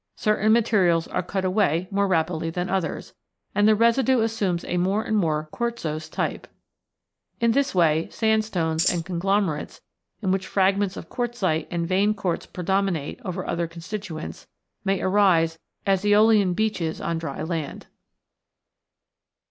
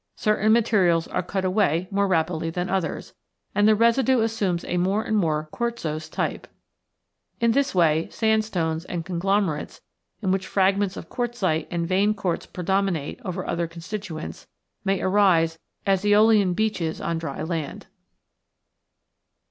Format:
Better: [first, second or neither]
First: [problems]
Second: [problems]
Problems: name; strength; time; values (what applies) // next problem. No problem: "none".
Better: second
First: noise reduction (neural mask model Resemble Enhance denoiser)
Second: none